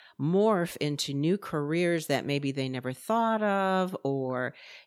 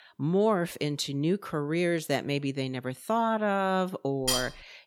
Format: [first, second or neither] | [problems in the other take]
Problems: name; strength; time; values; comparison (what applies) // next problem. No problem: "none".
first | clattering dishes; loud; at 4.5 s; peak level with the speech